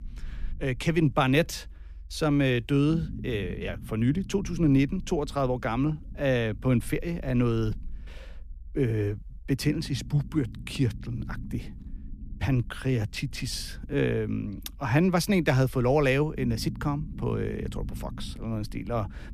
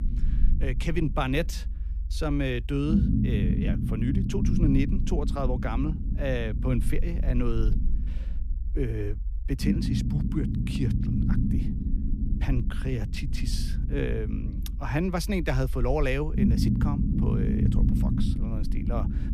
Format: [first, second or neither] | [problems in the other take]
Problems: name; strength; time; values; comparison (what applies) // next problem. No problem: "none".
first | low rumble; loud; throughout; 4 dB below the speech; faint in the first